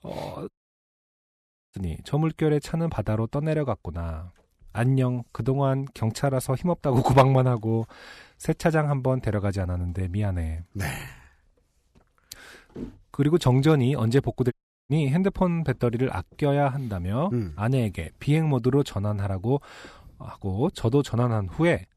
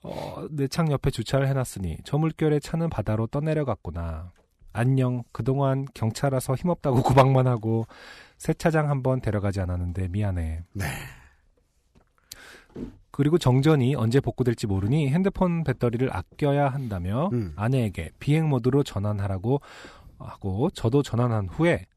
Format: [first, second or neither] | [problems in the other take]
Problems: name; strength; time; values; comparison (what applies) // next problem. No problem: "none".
second | audio cutting out; at 0.5 s for 1 s and at 15 s